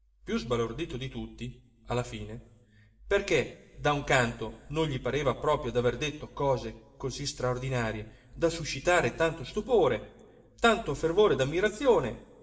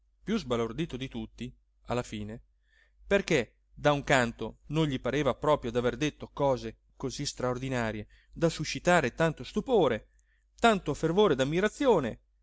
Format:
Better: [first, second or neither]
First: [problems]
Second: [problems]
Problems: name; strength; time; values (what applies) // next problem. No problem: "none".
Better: second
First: room echo; dies away in 1.4 s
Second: none